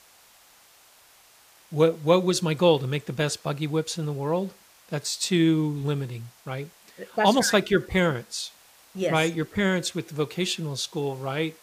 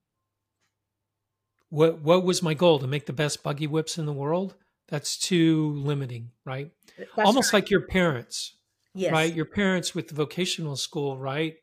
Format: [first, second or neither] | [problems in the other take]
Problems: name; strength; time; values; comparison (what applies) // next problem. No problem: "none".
second | hiss; faint; throughout; 30 dB below the speech